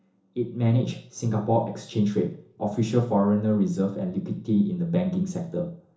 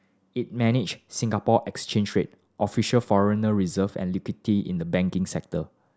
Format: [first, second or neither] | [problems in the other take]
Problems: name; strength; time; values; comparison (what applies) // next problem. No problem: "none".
second | room echo; dies away in 0.7 s